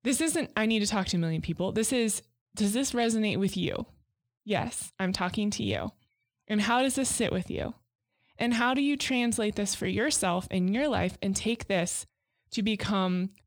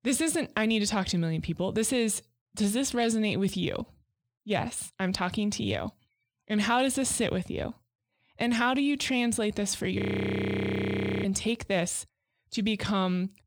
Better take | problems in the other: first | audio freezing; at 10 s for 1.5 s

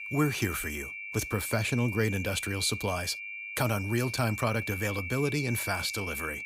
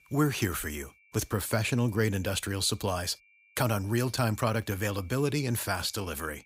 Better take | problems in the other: second | high-pitched whine; loud; throughout; 2.5 kHz, 6 dB below the speech; faint in the second

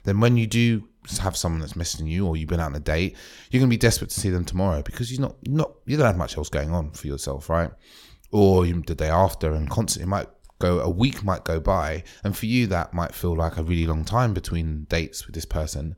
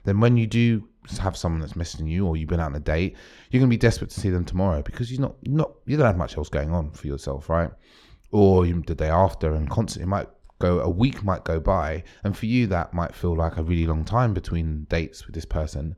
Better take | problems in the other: first | muffled; slightly; fading above 2 kHz

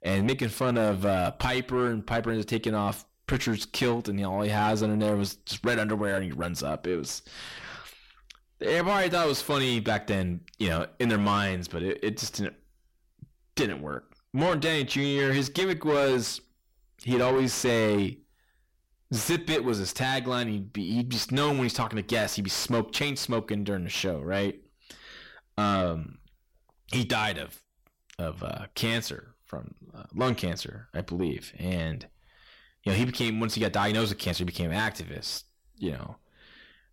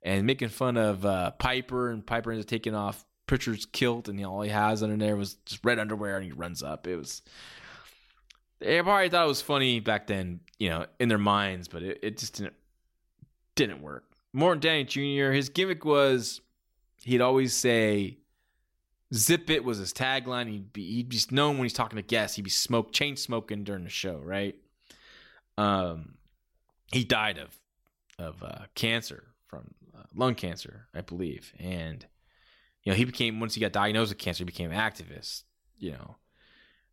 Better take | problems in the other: second | distortion; heavy; 7 dB below the speech

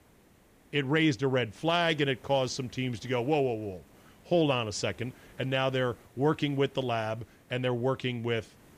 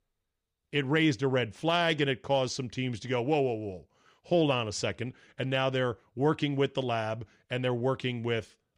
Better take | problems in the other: second | hiss; faint; throughout; 25 dB below the speech

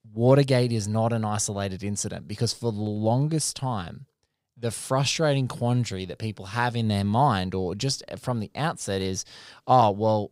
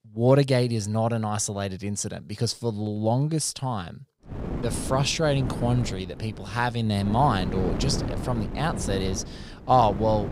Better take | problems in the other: first | wind noise on the microphone; occasional gusts; from 4.5 s on; 10 dB below the speech

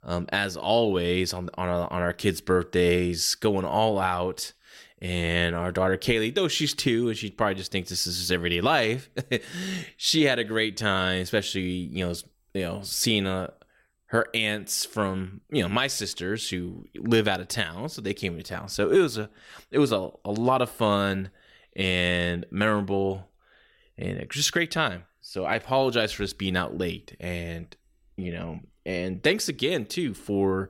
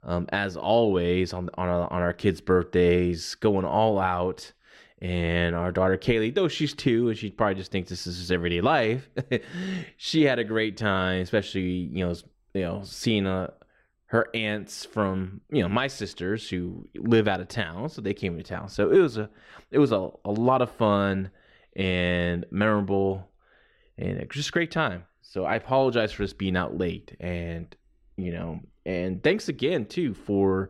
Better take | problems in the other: first | muffled; slightly; fading above 1.5 kHz

